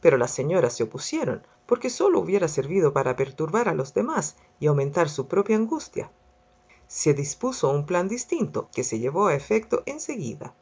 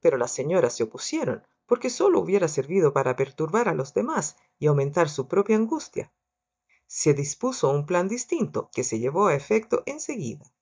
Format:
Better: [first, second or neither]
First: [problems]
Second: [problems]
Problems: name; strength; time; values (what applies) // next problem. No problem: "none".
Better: first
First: none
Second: noise reduction (neural mask model DeepFilterNet 3)